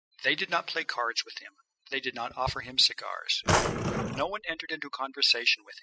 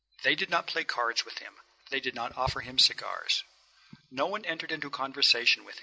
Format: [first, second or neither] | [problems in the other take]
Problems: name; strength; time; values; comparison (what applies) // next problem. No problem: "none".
second | noise reduction (classical method spectral subtraction)